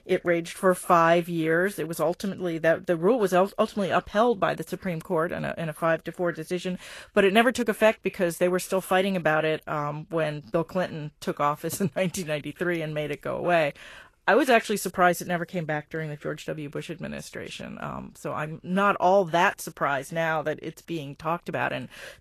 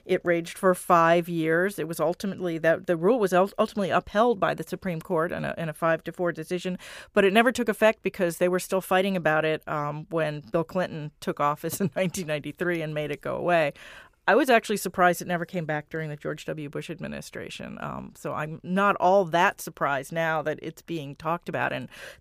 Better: second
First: garbled, watery; slightly; nothing above 13 kHz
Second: none

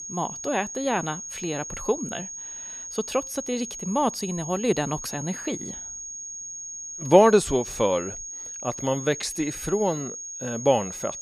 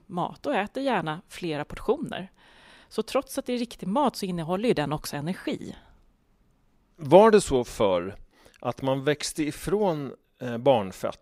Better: second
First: high-pitched whine; loud; throughout; 6.5 kHz, 8 dB below the speech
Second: none

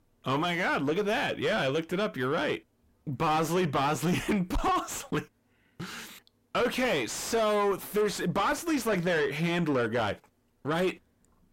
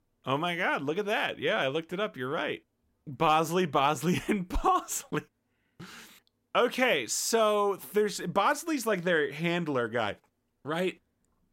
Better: second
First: distortion; heavy; 6 dB below the speech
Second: none

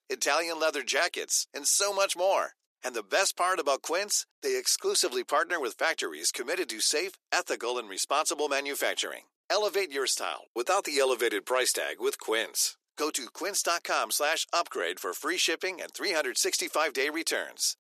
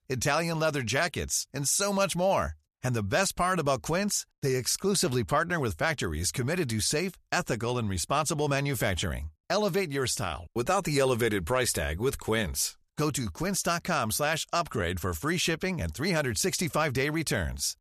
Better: second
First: thin; very; fading below 300 Hz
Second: none

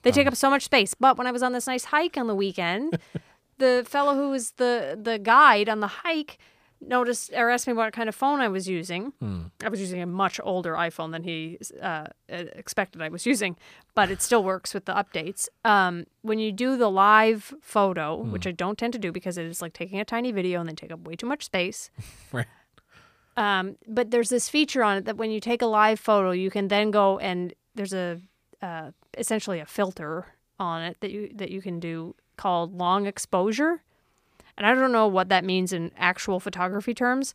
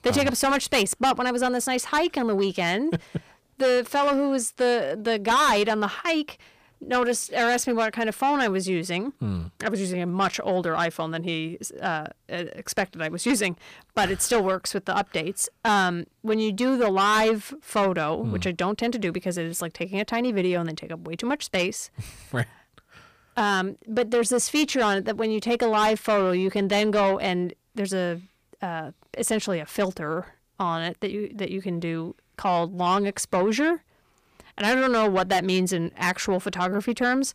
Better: first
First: none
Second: distortion; heavy; 7 dB below the speech

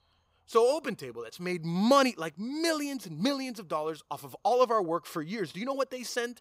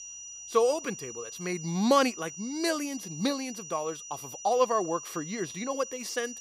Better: first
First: none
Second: high-pitched whine; noticeable; throughout; 6 kHz, 10 dB below the speech

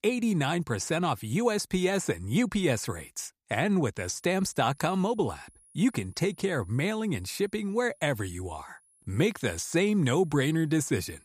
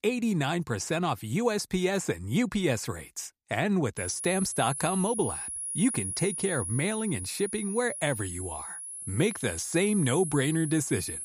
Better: first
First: high-pitched whine; faint; from 4 s on; 10.5 kHz, 30 dB below the speech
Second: high-pitched whine; loud; from 4 s on; 10.5 kHz, 5 dB below the speech

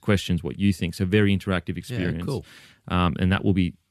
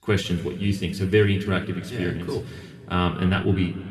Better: first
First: none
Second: room echo; slight; dies away in 1.7 s // off-mic speech; somewhat distant

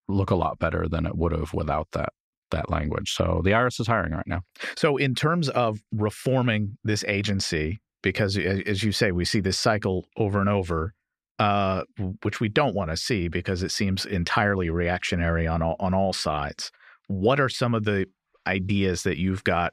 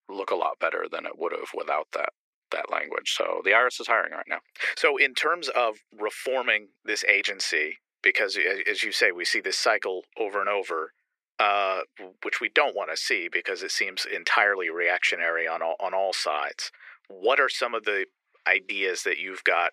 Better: first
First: none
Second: thin; very; fading below 400 Hz

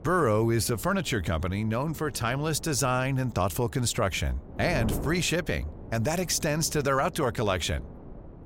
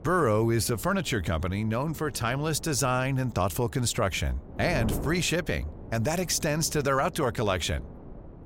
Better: neither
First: wind noise on the microphone; occasional gusts; 20 dB below the speech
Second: wind noise on the microphone; occasional gusts; 20 dB below the speech

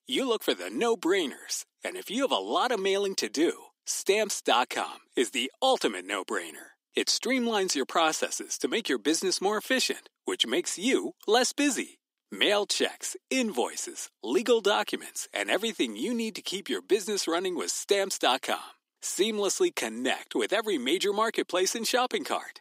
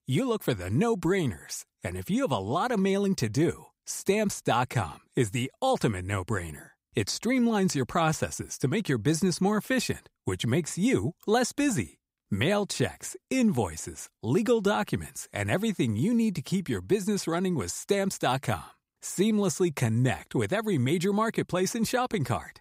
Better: second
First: thin; somewhat; fading below 250 Hz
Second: none

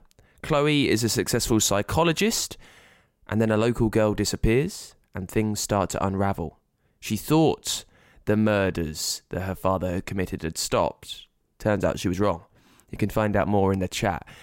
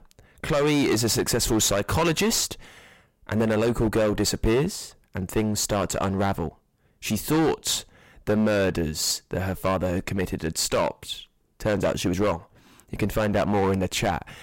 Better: first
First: none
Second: distortion; heavy; 10% of the sound clipped

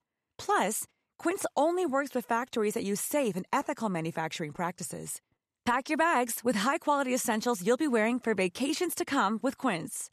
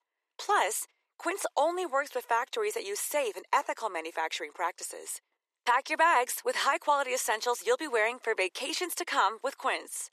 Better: first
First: none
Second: thin; very; fading below 350 Hz

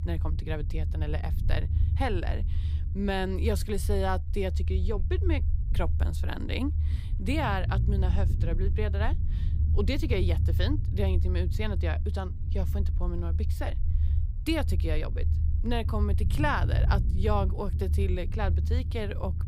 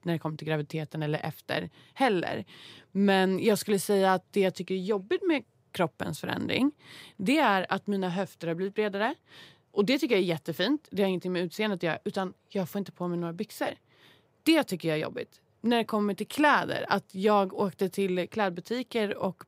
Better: second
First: low rumble; noticeable; throughout; 10 dB below the speech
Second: none

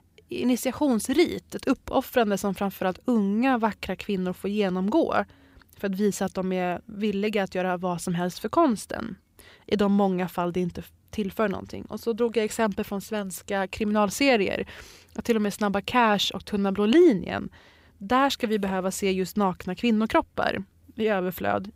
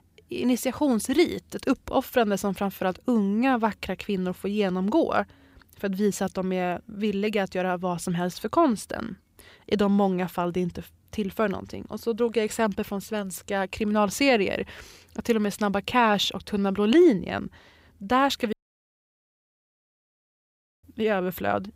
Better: first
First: none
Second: audio cutting out; at 19 s for 2.5 s

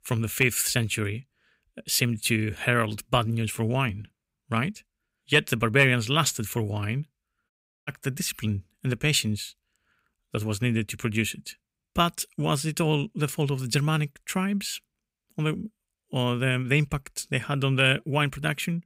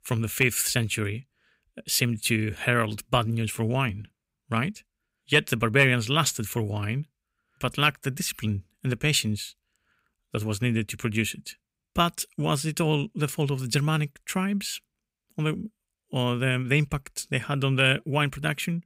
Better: second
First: audio cutting out; at 7.5 s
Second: none

